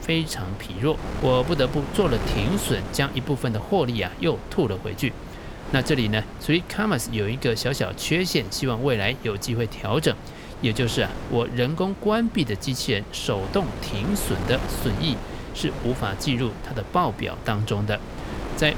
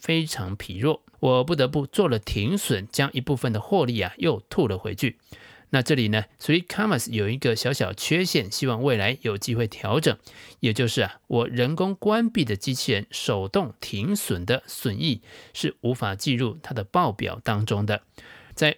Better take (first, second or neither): second